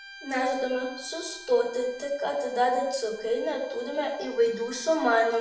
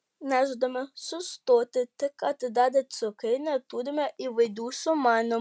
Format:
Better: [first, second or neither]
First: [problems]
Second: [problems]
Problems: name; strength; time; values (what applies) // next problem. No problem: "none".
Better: second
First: background sound (Bowed string instrument); 19 dB below the speech // room echo; dies away in 0.6 s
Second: none